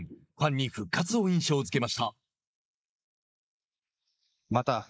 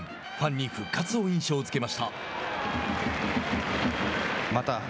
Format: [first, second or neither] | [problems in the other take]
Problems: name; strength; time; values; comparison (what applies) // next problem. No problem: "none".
second | noise reduction (neural mask model Resemble Enhance denoiser)